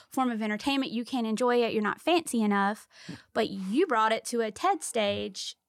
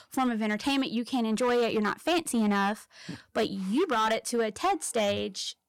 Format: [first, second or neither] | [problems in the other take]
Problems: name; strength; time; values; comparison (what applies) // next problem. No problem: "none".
first | distortion; slight; 9% of the sound clipped